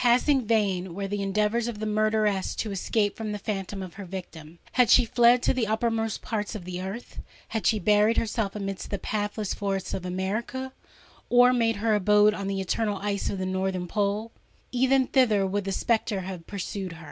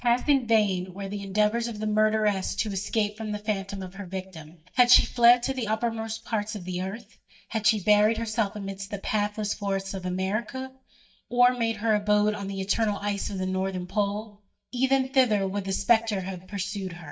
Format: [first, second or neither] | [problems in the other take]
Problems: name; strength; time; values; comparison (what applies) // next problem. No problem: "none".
first | noise reduction (neural mask model DeepFilterNet 3)